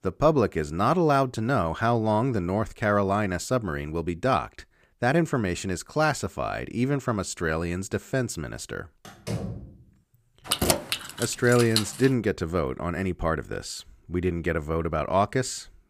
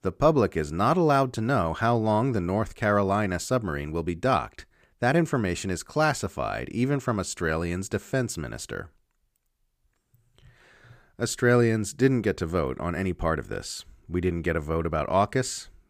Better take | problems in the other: second | door banging; noticeable; at 9 s; peak 7 dB below the speech // jangling keys; loud; from 11 to 12 s; peak 2 dB above the speech

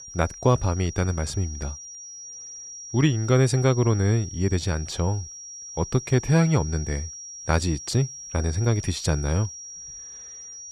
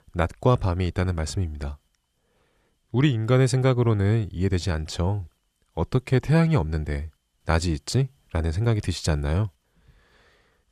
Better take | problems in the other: second | high-pitched whine; noticeable; throughout; 5.5 kHz, 10 dB below the speech

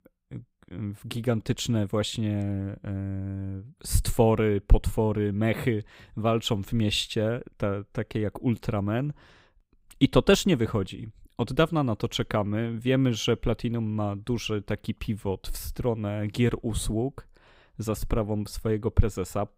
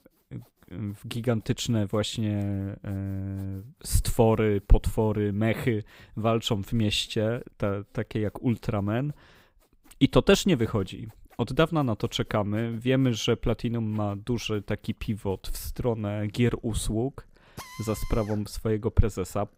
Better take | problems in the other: first | machinery noise; faint; throughout; 30 dB below the speech

